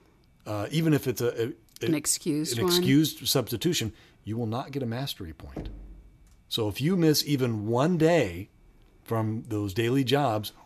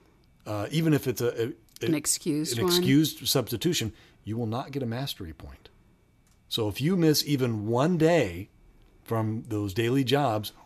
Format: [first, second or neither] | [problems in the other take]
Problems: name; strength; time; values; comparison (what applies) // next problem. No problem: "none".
second | door banging; faint; at 5.5 s; peak 15 dB below the speech